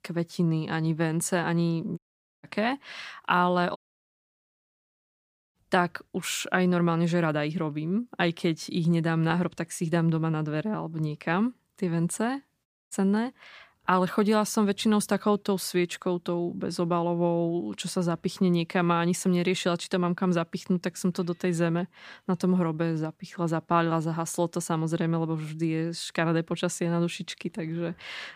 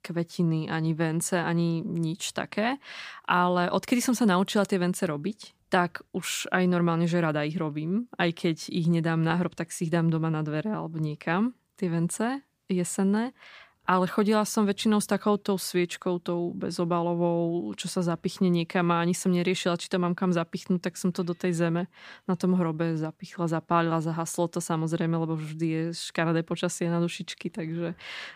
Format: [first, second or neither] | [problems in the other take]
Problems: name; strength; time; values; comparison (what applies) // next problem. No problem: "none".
second | audio cutting out; at 2 s, at 4 s for 2 s and at 13 s